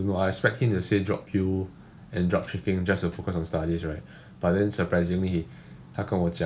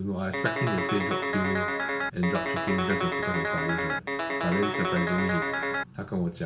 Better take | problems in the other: first | background sound (Guitar); 1 dB above the speech // room echo; dies away in 0.6 s

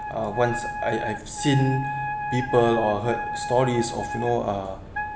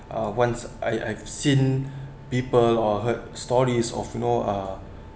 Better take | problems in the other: second | background sound (Wind instrument, woodwind instrument); 6 dB below the speech

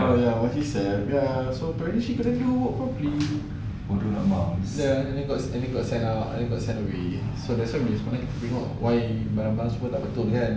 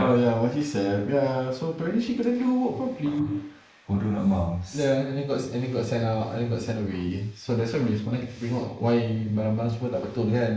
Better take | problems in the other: first | noise reduction (neural mask model Resemble Enhance denoiser)

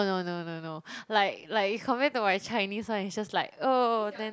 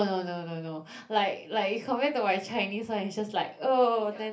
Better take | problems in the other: first | room echo; dies away in 0.3 s

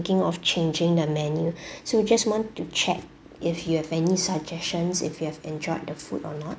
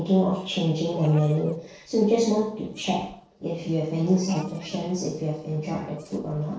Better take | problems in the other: first | noise reduction (neural separator model SepFormer DNS4)

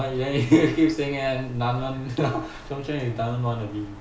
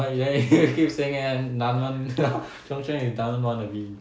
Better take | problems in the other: second | background sound (Wind); 18 dB below the speech // room echo; dies away in 0.4 s

